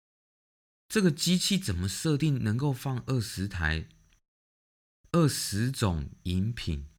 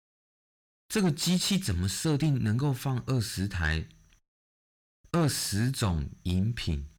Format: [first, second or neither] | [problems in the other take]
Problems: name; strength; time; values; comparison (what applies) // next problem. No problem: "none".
first | distortion; slight; 10 dB below the speech